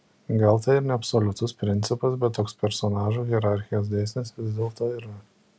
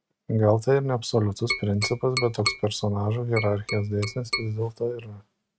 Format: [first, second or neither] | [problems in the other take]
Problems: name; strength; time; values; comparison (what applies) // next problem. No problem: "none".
first | noise reduction (neural mask model RNNoise)